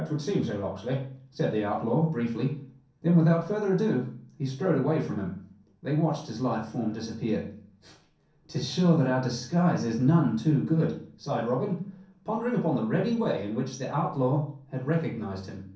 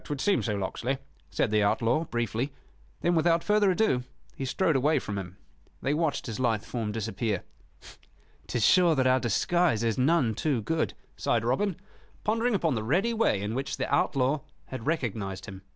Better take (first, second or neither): second